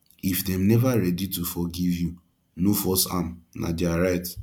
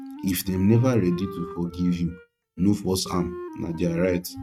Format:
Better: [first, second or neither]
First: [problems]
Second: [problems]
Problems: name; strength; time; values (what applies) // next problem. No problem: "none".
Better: first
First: none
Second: noise reduction (neural mask model RNNoise)